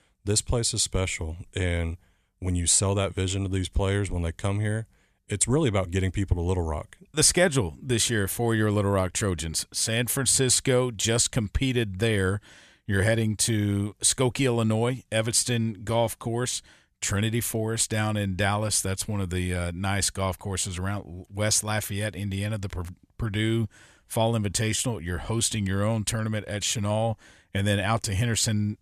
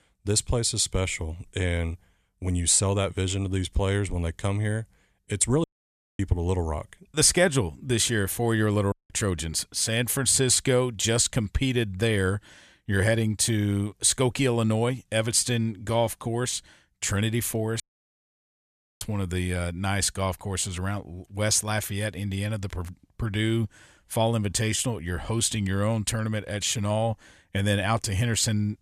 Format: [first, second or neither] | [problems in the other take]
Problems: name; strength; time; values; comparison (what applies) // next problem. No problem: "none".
first | audio cutting out; at 5.5 s for 0.5 s, at 9 s and at 18 s for 1 s